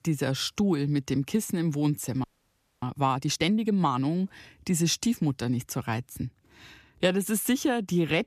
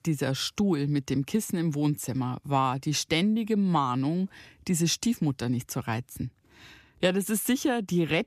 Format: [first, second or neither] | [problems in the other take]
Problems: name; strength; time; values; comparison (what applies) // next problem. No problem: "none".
second | audio freezing; at 2 s for 0.5 s